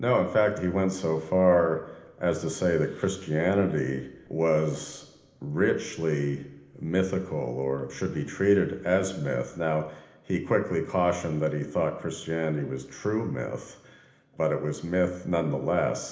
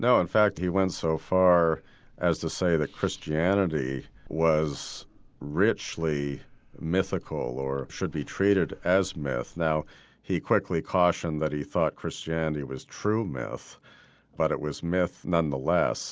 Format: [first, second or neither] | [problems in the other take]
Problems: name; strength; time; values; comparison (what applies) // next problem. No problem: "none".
second | room echo; dies away in 1 s